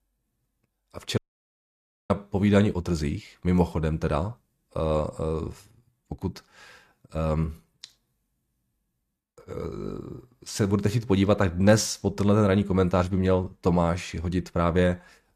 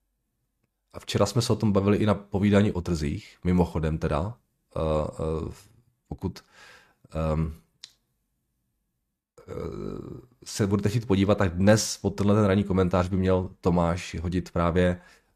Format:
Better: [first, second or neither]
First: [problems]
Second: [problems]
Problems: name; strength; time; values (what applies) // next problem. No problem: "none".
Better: second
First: audio cutting out; at 1 s for 1 s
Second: none